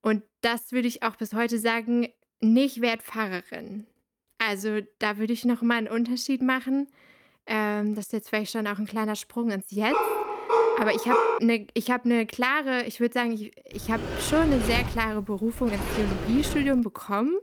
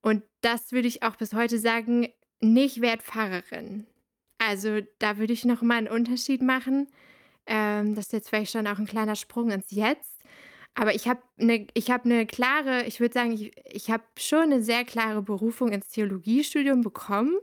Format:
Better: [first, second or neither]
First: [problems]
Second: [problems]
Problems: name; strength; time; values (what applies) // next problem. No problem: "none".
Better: second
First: dog barking; loud; from 10 to 11 s; peak 4 dB above the speech // door banging; noticeable; from 14 to 17 s; peak 3 dB below the speech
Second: none